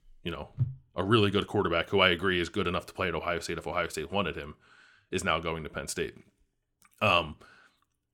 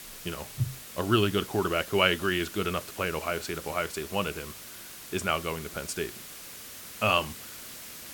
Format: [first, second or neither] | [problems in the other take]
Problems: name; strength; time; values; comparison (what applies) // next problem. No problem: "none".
first | hiss; noticeable; throughout; 10 dB below the speech